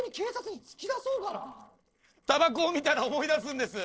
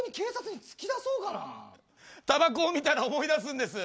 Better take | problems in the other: second | noise reduction (neural separator model SepFormer DNS4)

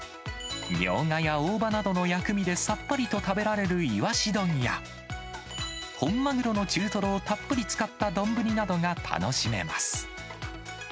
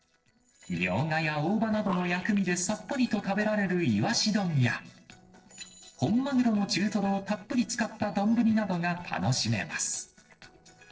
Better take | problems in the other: first | noise reduction (neural separator model SepFormer DNS4)

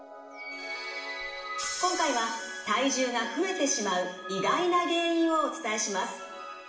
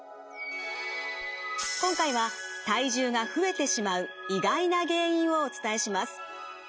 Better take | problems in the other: second | room echo; dies away in 0.8 s

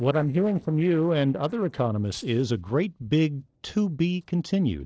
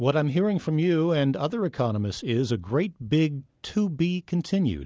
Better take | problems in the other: second | noise reduction (neural separator model SepFormer DNS4)

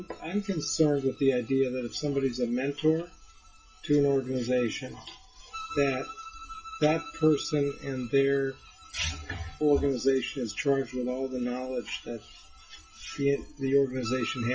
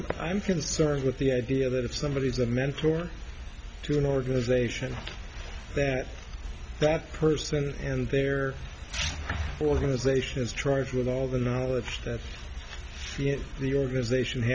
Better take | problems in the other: second | noise reduction (classical method WPE with log-MMSE)

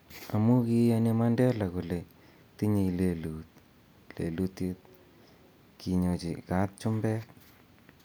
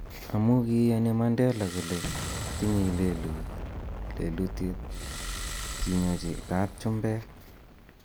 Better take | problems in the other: first | background sound (Explosion + Engine starting); 7 dB below the speech

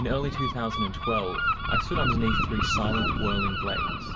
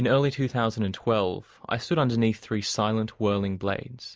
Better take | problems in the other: second | background sound (Gull, seagull); 3 dB above the speech // room echo; dies away in 1.5 s

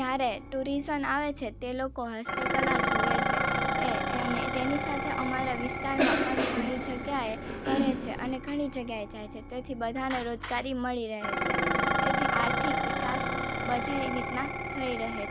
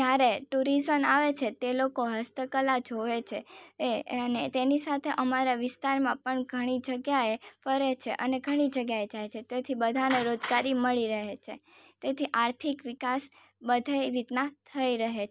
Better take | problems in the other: second | background sound (Dishes, pots, and pans + Cough); 2 dB above the speech

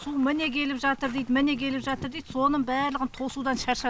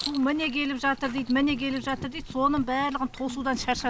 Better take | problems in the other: first | background sound (Writing); 15 dB below the speech

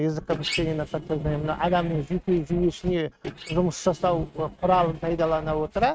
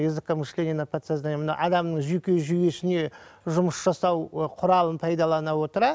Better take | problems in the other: second | noise reduction (neural mask model RNNoise)

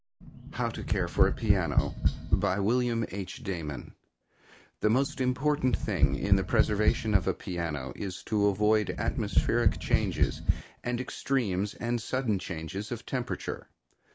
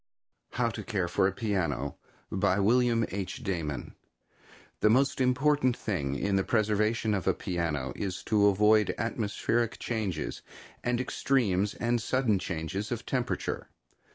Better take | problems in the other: second | background sound (Tap); 3 dB above the speech

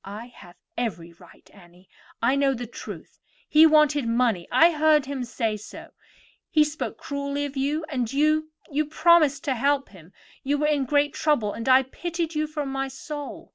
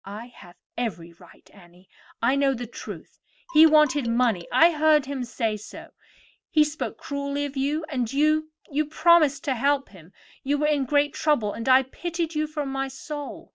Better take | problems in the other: first | noise reduction (neural mask model DeepFilterNet 3)

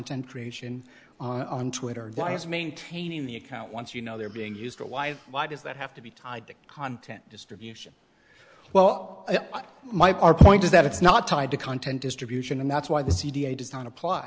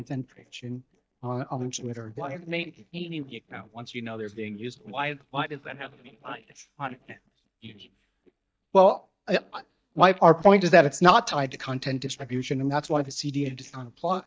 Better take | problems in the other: first | noise reduction (neural mask model DeepFilterNet 3)

